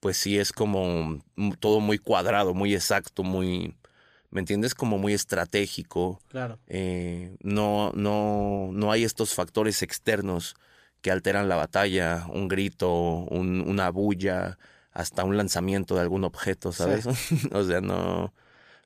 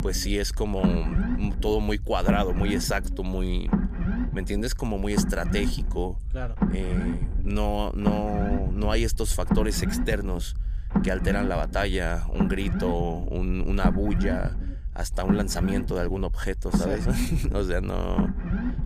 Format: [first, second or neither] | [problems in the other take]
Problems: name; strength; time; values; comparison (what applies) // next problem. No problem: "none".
first | low rumble; loud; throughout; 5 dB below the speech